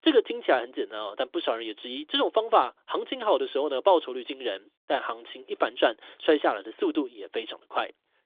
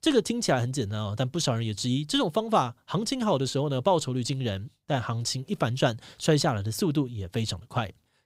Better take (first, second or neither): second